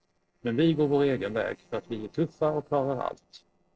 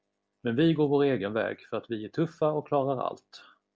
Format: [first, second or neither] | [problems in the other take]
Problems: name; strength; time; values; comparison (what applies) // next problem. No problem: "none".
second | noise reduction (neural separator model SepFormer DNS4)